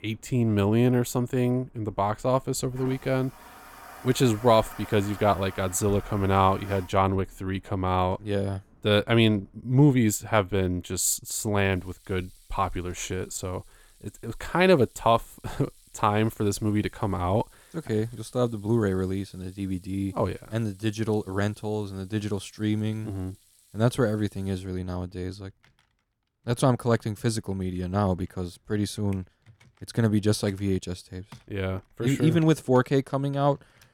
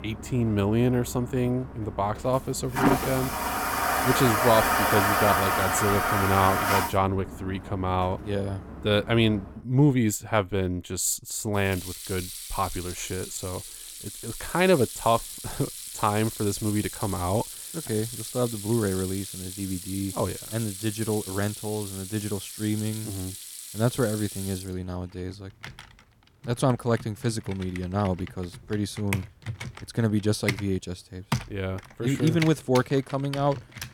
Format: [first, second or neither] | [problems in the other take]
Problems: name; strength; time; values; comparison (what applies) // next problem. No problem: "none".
first | household noises; loud; throughout; 3 dB below the speech; faint in the first